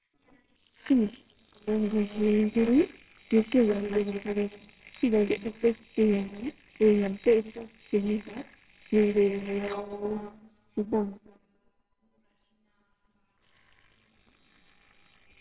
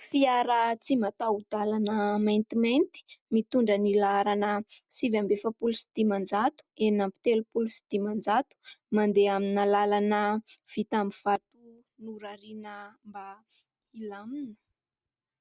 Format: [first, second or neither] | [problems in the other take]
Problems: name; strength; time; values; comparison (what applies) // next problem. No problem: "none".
second | noise reduction (neural separator model SepFormer WHAMR!)